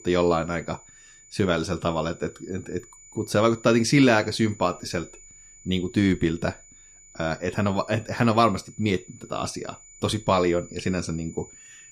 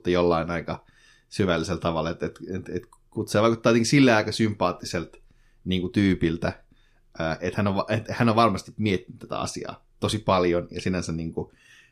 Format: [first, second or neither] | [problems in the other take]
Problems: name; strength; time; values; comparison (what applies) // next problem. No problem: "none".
second | high-pitched whine; faint; throughout; 7 kHz, 20 dB below the speech